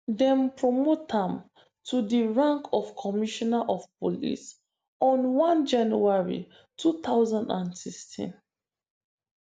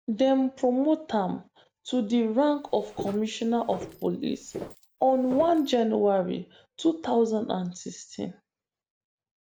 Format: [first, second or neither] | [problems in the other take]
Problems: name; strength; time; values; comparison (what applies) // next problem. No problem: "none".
first | background sound (Walk, footsteps); 15 dB below the speech